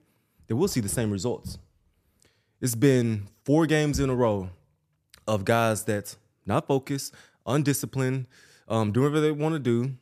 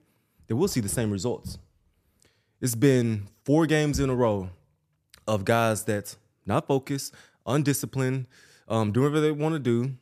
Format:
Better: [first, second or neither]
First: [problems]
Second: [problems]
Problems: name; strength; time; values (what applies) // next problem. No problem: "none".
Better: neither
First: none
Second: none